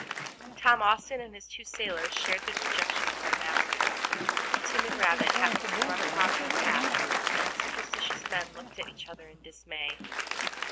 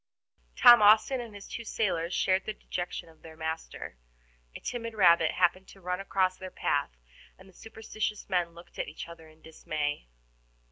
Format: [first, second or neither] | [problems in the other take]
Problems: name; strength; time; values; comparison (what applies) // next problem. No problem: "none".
second | background sound (Applause); 2 dB above the speech